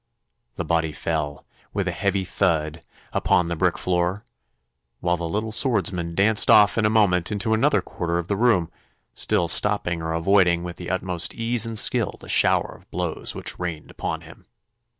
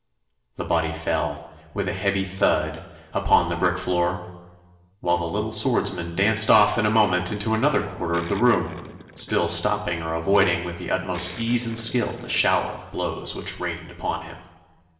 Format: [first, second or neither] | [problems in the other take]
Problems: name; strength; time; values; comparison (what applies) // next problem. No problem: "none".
first | background sound (Gurgling); 18 dB below the speech // room echo; dies away in 1.2 s